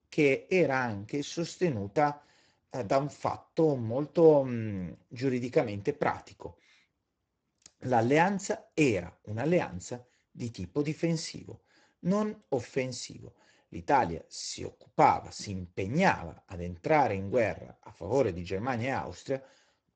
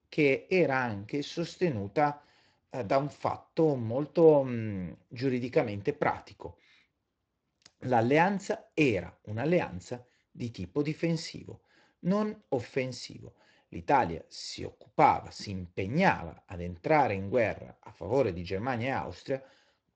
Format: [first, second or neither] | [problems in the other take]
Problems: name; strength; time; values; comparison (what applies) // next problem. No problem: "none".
second | garbled, watery; badly; nothing above 8 kHz; slightly in the second